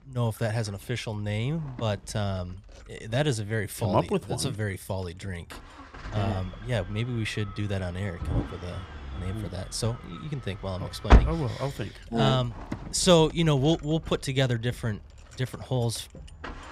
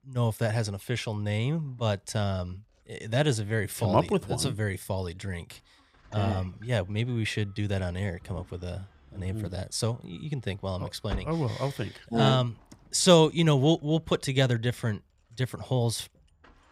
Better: second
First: traffic noise; loud; throughout; 4 dB below the speech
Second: traffic noise; faint; throughout; 20 dB below the speech

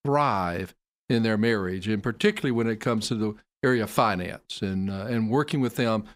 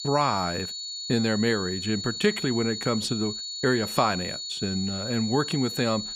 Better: first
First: none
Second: high-pitched whine; loud; throughout; 4.5 kHz, 5 dB below the speech

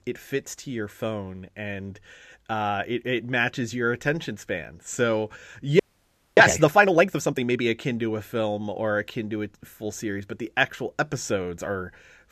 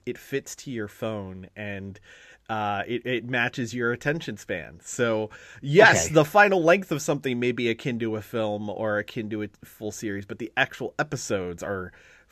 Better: second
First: audio freezing; at 6 s for 0.5 s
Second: none

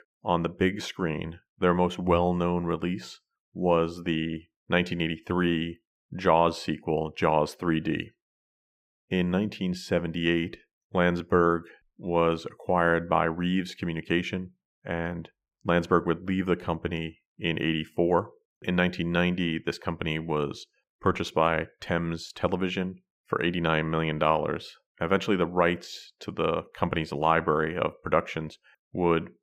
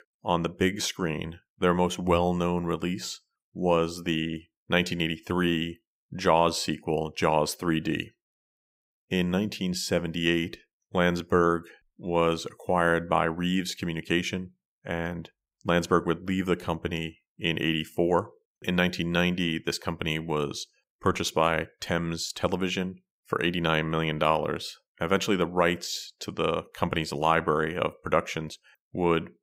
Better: second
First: muffled; slightly; fading above 4 kHz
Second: none

